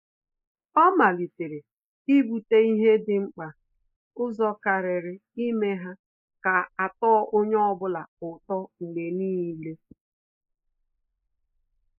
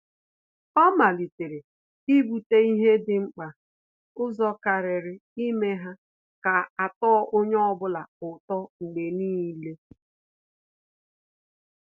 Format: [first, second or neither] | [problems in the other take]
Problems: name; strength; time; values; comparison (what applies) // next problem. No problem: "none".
second | noise reduction (neural mask model Resemble Enhance denoiser)